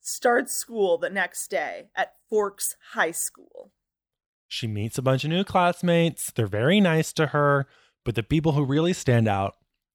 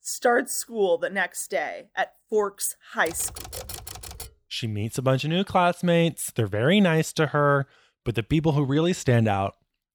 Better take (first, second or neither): first